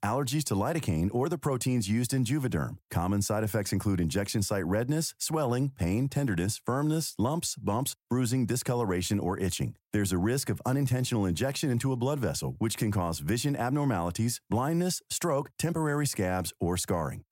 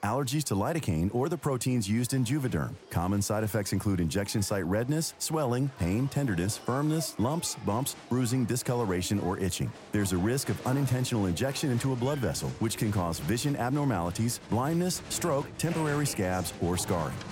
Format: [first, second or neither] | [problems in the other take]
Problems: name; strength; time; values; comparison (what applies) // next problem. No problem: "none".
first | crowd noise; noticeable; throughout; 15 dB below the speech